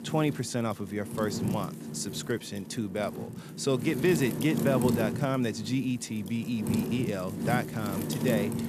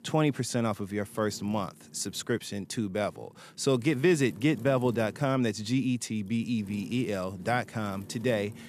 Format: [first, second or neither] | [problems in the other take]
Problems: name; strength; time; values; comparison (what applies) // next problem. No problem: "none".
second | wind noise on the microphone; heavy; 6 dB below the speech; occasional gusts in the second